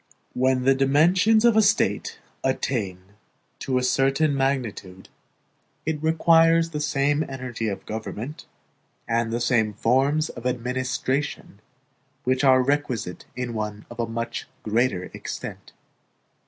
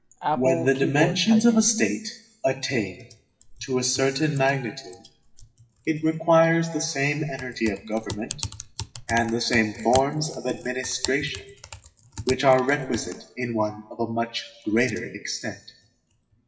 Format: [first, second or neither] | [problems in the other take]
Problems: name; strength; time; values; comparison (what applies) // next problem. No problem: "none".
first | noise reduction (classical method WPE with log-MMSE)